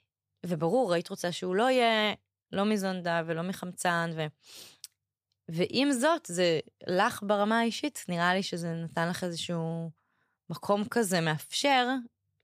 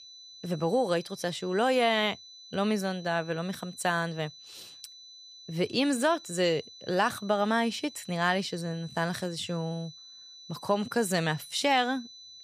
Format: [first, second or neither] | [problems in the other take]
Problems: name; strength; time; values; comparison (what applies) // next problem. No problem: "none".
first | high-pitched whine; noticeable; throughout; 4 kHz, 20 dB below the speech